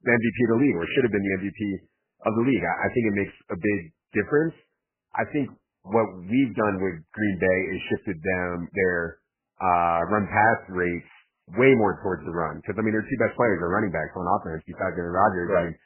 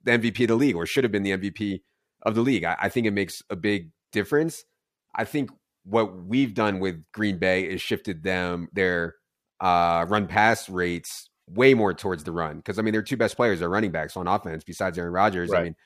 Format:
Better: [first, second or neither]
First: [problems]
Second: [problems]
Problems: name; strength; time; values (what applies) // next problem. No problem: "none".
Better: second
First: garbled, watery; badly; nothing above 3 kHz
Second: none